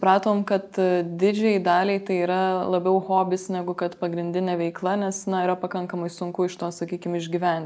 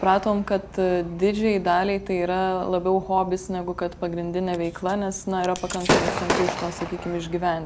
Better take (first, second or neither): first